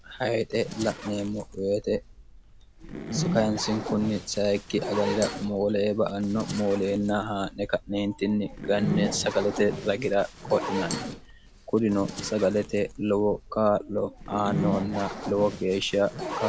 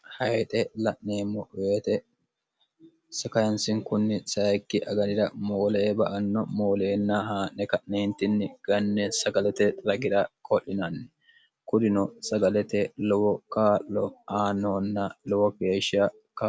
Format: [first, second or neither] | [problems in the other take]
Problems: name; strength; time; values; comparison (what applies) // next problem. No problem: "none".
second | background sound (Zipper (clothing)); 8 dB below the speech